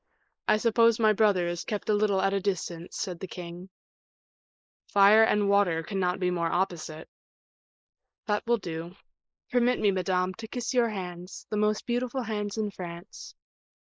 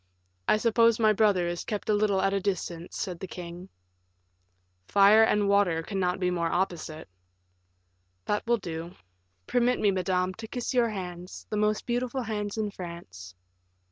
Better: second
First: noise reduction (neural mask model Resemble Enhance denoiser)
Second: none

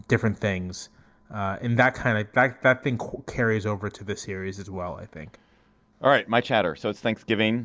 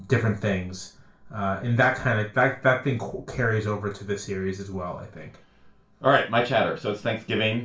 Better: first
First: none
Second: room echo; dies away in 0.3 s

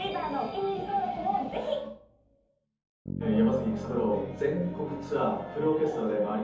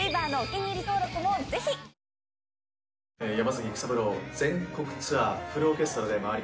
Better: second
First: background sound (Bass guitar); 14 dB below the speech // room echo; dies away in 0.6 s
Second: none

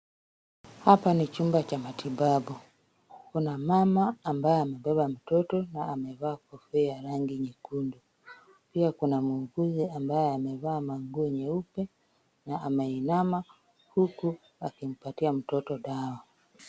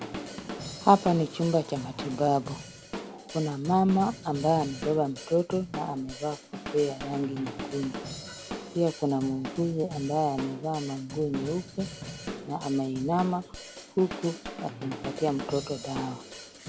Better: first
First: none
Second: background sound (Drum / Drum kit); 11 dB below the speech

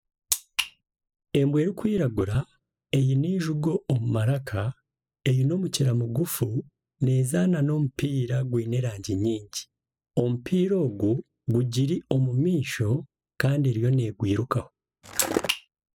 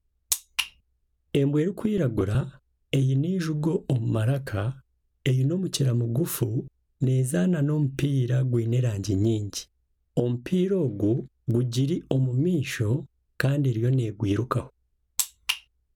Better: second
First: noise reduction (classical method spectral subtraction)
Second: none

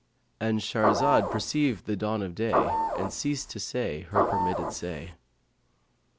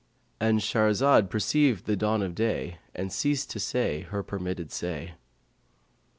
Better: second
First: background sound (Printer / Engine); 2 dB above the speech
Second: none

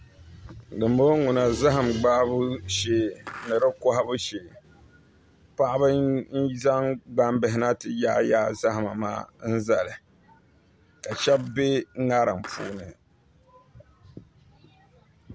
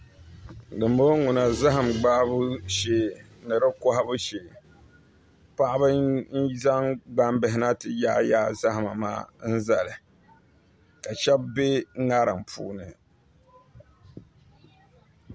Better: second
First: background sound (Skateboard); 15 dB below the speech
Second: none

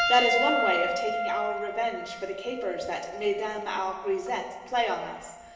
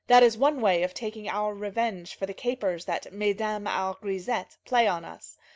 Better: second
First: background sound (Piano); 2 dB below the speech // room echo; dies away in 1.3 s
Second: none

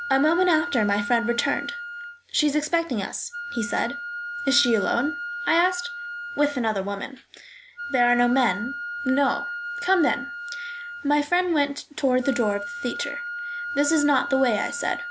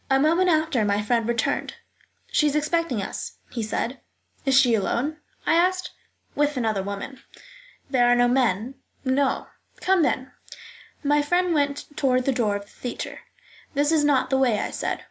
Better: second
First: background sound (Wind instrument, woodwind instrument); 9 dB below the speech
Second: none

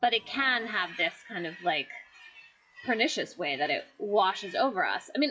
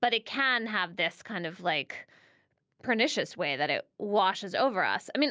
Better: second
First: noise reduction (classical method WPE with log-MMSE)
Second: none

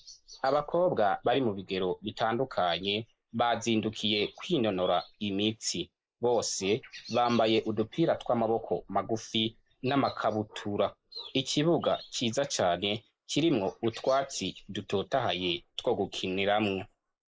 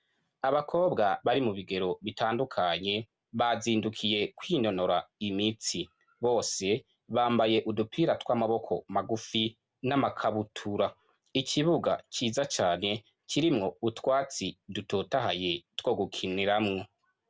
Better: second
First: noise reduction (neural mask model Resemble Enhance denoiser)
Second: none

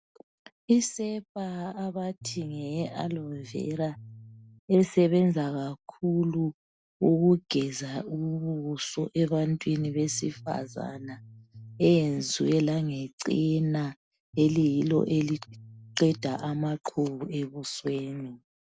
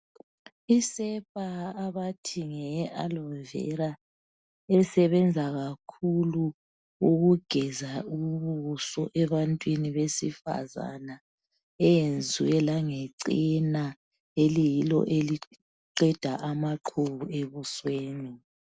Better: second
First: background sound (Bass guitar); 19 dB below the speech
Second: none

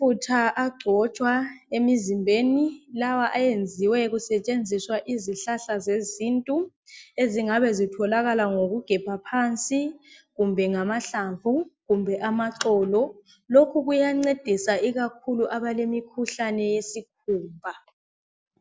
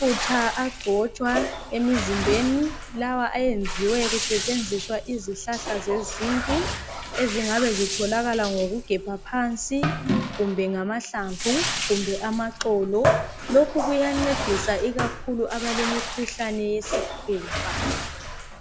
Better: first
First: none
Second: background sound (Bathtub (filling or washing)); 4 dB below the speech

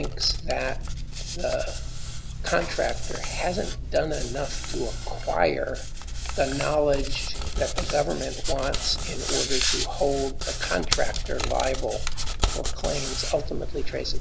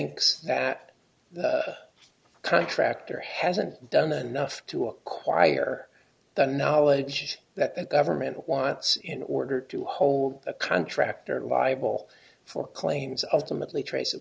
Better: second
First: background sound (Hands); 1 dB above the speech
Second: none

